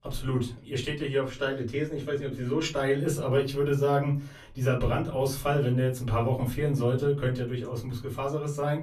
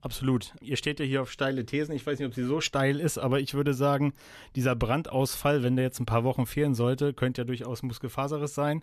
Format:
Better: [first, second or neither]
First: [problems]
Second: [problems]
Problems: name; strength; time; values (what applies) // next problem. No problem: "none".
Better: second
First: off-mic speech; far // room echo; very slight; dies away in 0.3 s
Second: none